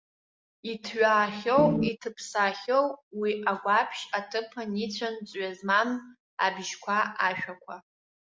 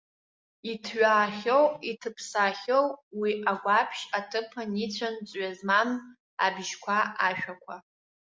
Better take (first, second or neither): second